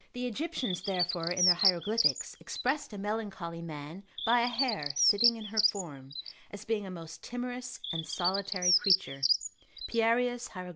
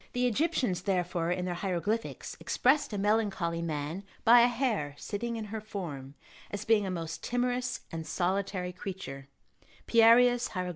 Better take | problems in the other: second | background sound (Bird); 1 dB above the speech

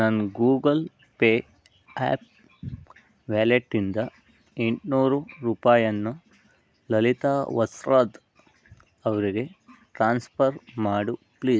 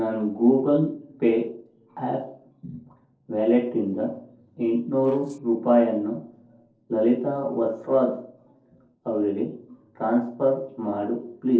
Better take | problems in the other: first | noise reduction (neural separator model SepFormer DNS4)

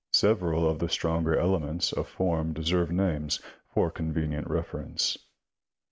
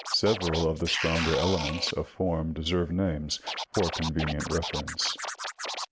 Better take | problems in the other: first | background sound (Scratching (performance technique)); 6 dB below the speech

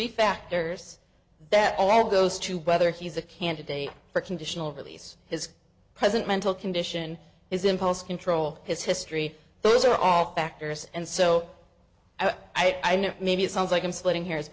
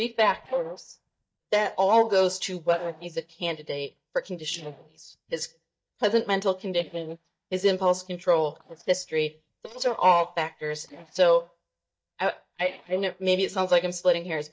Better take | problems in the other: first | noise reduction (neural mask model DeepFilterNet 3)

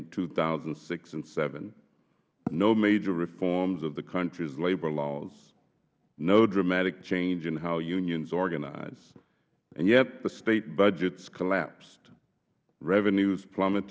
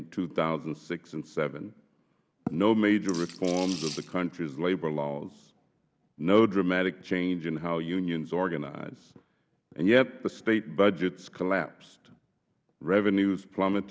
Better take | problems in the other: first | background sound (Rattle / Rattle (instrument)); 13 dB below the speech

